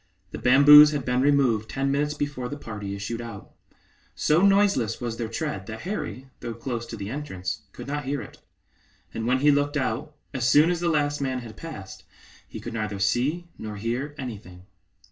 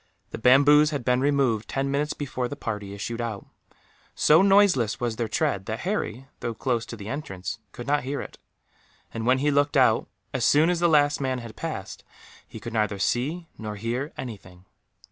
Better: second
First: room echo; dies away in 0.2 s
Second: none

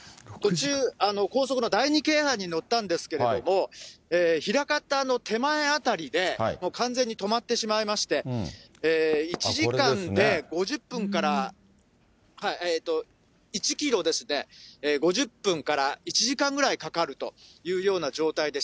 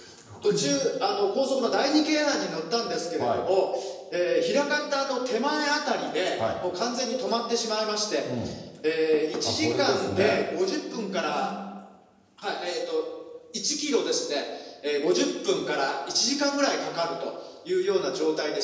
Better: first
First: none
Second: room echo; dies away in 1 s

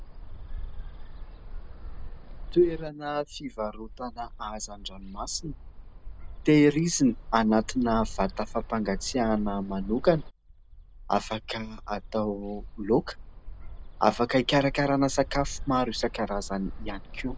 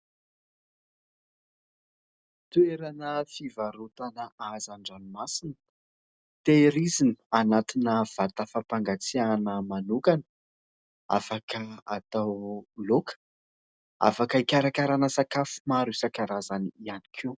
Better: second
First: background sound (Bird); 10 dB below the speech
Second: none

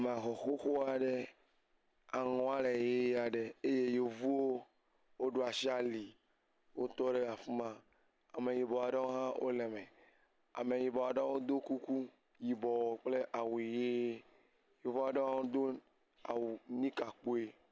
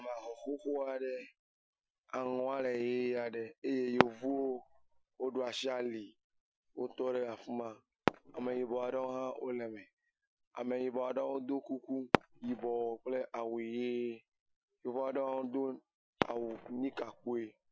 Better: first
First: none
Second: noise reduction (classical method Wiener filter)

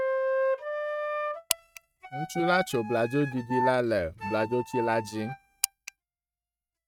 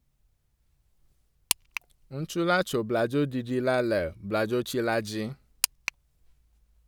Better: second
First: noise reduction (neural mask model RNNoise)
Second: none

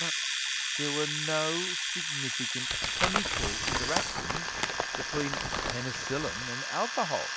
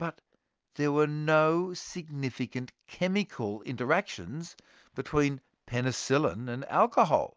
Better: second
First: background sound (Crumpling, crinkling + Domestic sounds, home sounds); 4 dB above the speech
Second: none

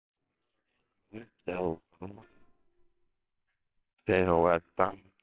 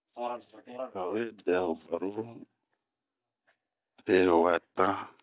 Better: second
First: noise reduction (neural separator model SepFormer WHAMR!)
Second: none

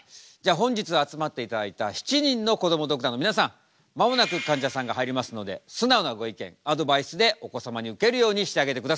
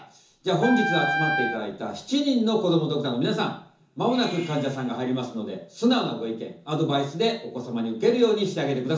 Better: first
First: none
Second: background sound (Wind instrument, woodwind instrument); 3 dB below the speech // room echo; dies away in 0.6 s

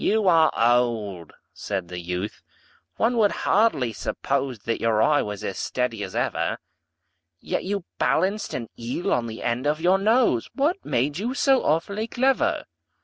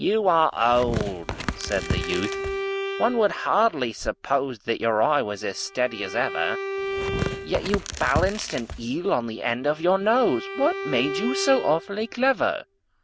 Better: first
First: none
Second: background sound (Tearing + Bowed string instrument); 7 dB below the speech

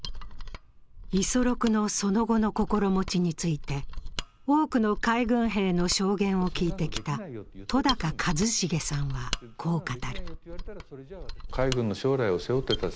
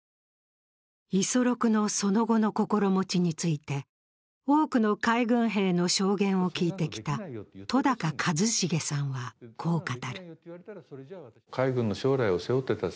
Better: second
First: background sound (Mechanisms); 8 dB below the speech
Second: none

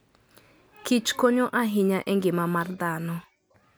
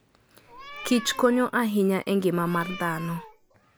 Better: first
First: none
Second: background sound (Meow); 15 dB below the speech

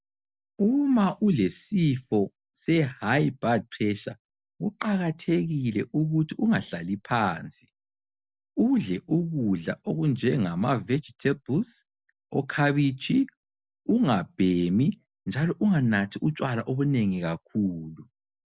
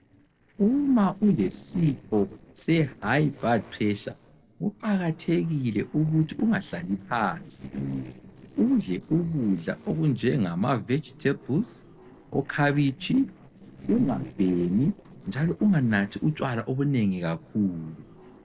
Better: first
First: none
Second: noise reduction (neural separator model SepFormer DNS4)

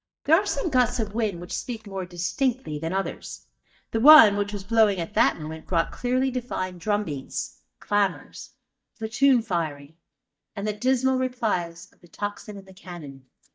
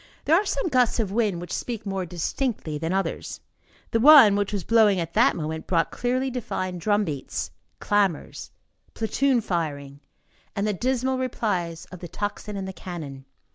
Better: second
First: noise reduction (neural mask model DeepFilterNet 3)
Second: none

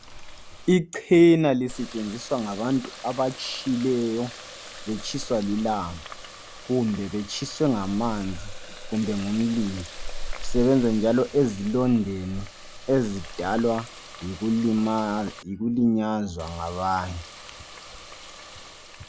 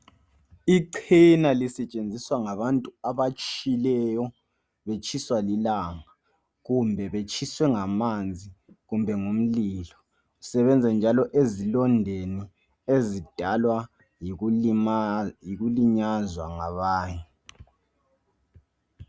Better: second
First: background sound (Water tap, faucet); 12 dB below the speech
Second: none

